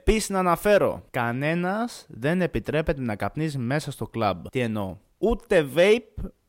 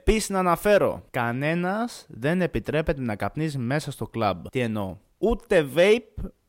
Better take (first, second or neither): neither